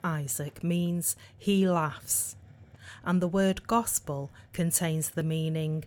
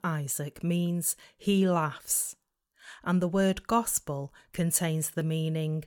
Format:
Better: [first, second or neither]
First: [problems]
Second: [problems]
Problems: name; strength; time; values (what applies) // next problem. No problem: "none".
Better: second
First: hiss; faint; throughout; 25 dB below the speech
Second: none